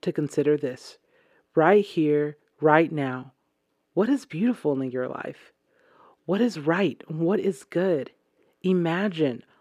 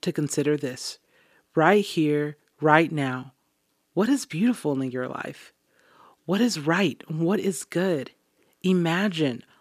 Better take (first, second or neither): second